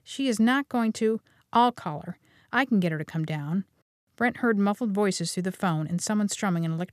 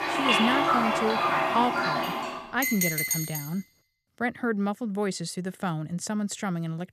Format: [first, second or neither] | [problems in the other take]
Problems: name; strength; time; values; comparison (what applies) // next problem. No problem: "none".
first | household noises; very loud; until 3 s; 4 dB above the speech